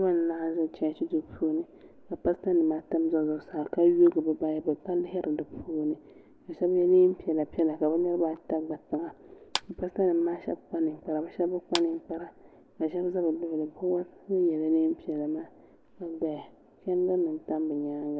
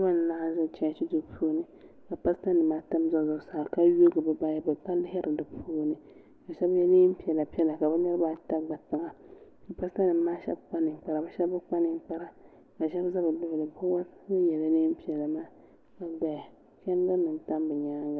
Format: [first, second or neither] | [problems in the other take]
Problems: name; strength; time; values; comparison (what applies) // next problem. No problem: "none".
second | background sound (Clapping); 12 dB below the speech